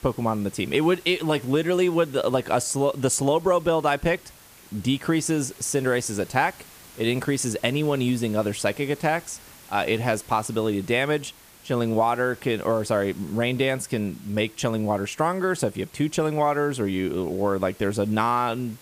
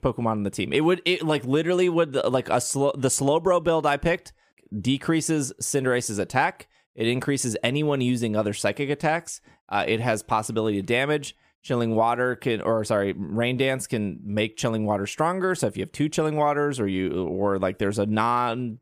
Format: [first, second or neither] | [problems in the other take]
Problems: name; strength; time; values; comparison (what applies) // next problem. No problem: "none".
second | hiss; faint; throughout; 25 dB below the speech